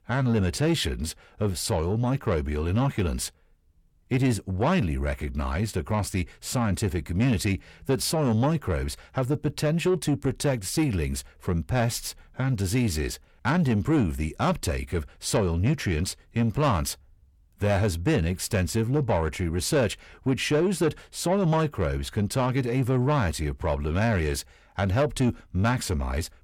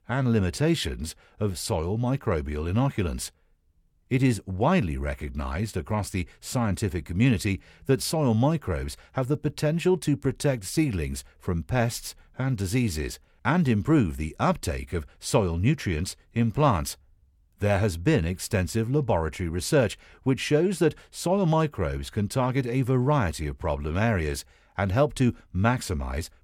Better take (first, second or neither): second